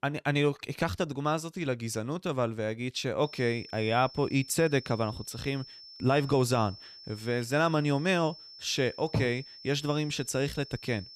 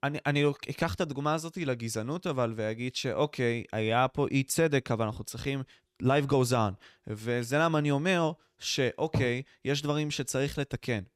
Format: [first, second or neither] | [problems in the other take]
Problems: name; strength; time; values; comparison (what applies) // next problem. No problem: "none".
second | high-pitched whine; noticeable; from 3.5 s on; 5.5 kHz, 15 dB below the speech